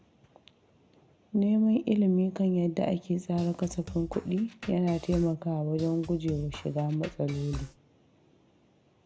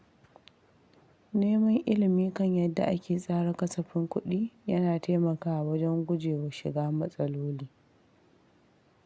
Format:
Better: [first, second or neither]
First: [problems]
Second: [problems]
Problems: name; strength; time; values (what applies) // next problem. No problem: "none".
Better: second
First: background sound (Drum kit); 14 dB below the speech // room echo; dies away in 0.3 s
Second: none